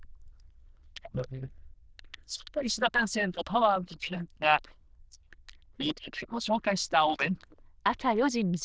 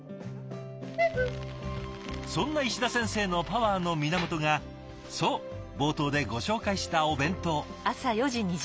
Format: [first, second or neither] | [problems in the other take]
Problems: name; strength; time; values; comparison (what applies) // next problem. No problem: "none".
second | noise reduction (neural diffusion model UNIVERSE++)